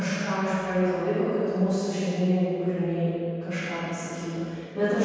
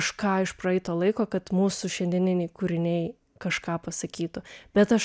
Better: second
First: room echo; dies away in 2.2 s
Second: none

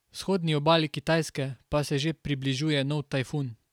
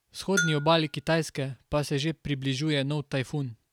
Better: first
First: none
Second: background sound (Bell); 9 dB below the speech

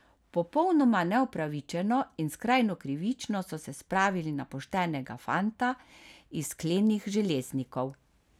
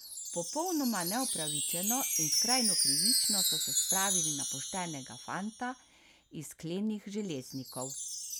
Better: first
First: none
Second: background sound (Wind chime); 4 dB above the speech

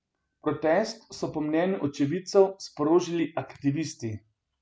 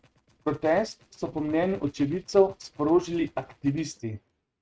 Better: first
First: none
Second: noise reduction (neural mask model RNNoise)

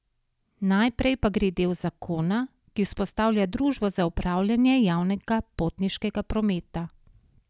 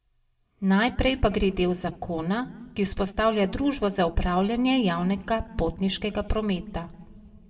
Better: first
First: none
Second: room echo; dies away in 0.4 s

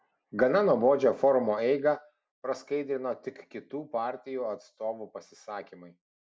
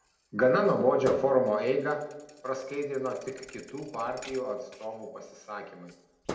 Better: first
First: none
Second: background sound (Thump, thud); 17 dB below the speech // room echo; dies away in 0.7 s

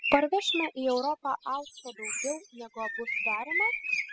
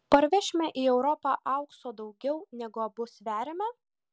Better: second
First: noise reduction (classical method spectral subtraction)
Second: none

